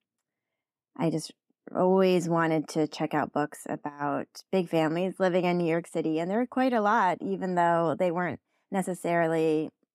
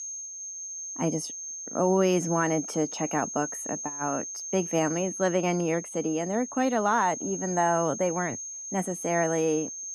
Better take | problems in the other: first | high-pitched whine; loud; throughout; 6.5 kHz, 7 dB below the speech

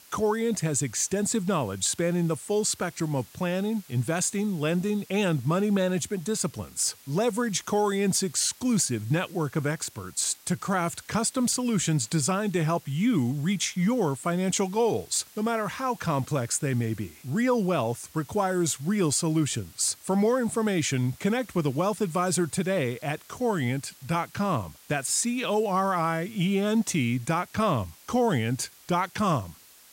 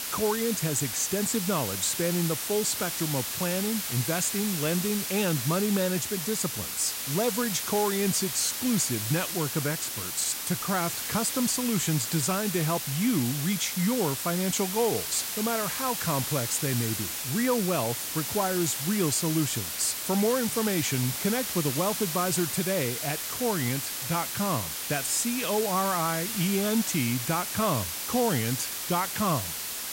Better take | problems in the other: first | hiss; loud; throughout; 2 dB below the speech; faint in the first

